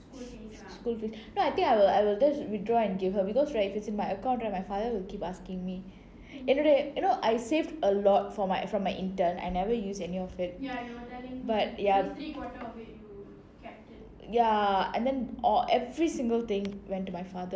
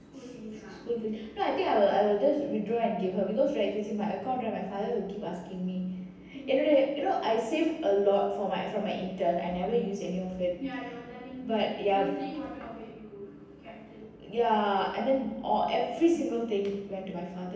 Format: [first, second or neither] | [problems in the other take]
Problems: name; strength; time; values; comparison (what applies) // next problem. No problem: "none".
first | room echo; dies away in 0.9 s